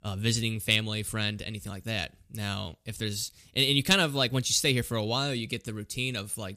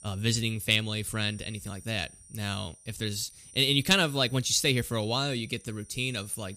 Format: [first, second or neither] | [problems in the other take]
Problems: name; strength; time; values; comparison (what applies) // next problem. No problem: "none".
first | high-pitched whine; faint; throughout; 9 kHz, 20 dB below the speech